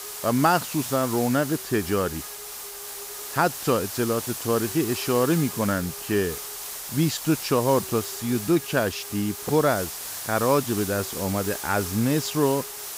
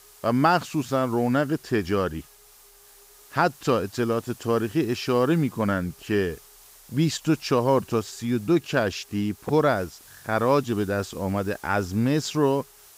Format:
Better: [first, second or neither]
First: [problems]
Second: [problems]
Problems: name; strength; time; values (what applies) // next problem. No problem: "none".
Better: second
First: hiss; loud; throughout; 7 dB below the speech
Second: hiss; faint; throughout; 25 dB below the speech